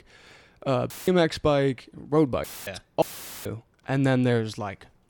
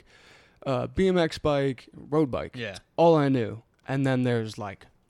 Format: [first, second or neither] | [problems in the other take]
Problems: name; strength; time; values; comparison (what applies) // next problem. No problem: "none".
second | audio cutting out; filled with static; at 1 s, at 2.5 s and at 3 s